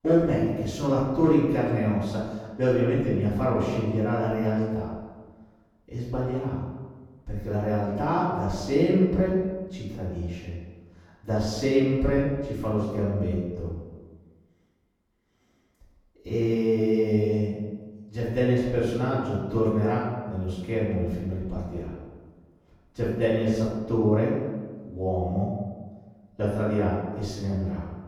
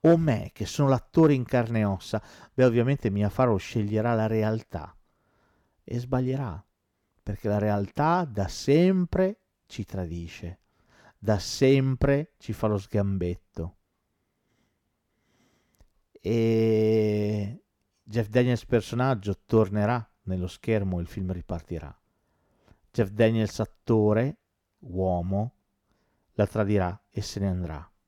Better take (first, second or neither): second